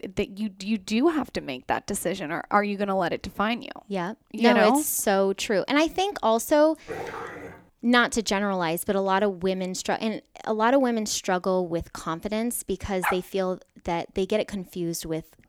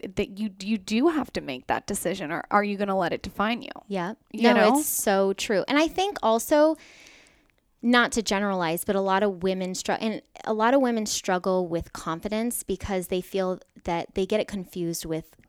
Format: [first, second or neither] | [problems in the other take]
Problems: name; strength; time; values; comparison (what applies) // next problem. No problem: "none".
second | dog barking; noticeable; at 7 s and at 13 s; peak 4 dB below the speech